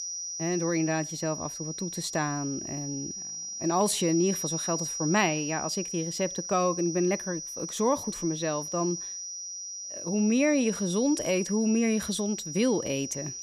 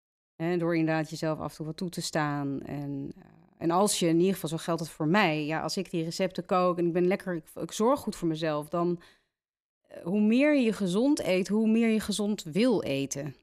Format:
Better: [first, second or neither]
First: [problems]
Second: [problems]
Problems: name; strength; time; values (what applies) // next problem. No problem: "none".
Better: second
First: high-pitched whine; loud; throughout; 5.5 kHz, 6 dB below the speech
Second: none